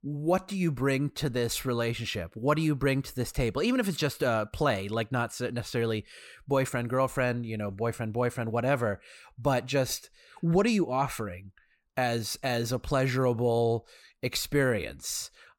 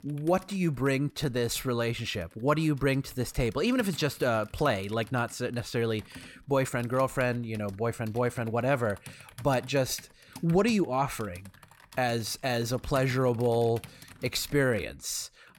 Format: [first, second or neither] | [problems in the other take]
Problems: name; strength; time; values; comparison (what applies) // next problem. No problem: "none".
first | household noises; faint; throughout; 20 dB below the speech